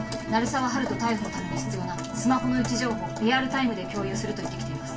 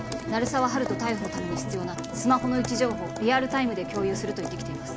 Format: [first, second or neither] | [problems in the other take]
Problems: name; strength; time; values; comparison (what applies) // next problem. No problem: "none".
second | room echo; dies away in 0.2 s